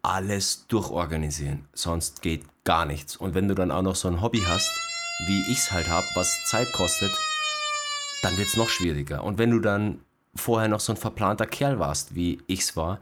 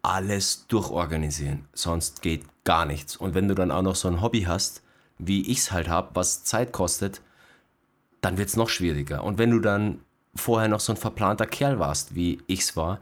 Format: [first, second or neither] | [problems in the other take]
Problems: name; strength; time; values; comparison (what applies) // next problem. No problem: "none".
second | siren; loud; from 4.5 to 9 s; peak 2 dB above the speech